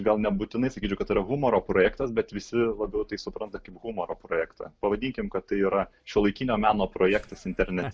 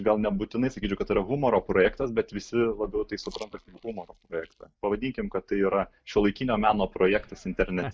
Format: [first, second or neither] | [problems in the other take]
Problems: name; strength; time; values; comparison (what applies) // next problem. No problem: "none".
first | noise reduction (neural mask model DeepFilterNet 3)